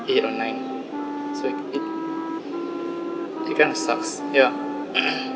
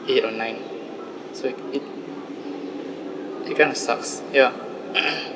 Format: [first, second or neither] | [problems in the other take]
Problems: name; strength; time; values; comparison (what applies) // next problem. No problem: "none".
second | background sound (Wind instrument, woodwind instrument); 5 dB below the speech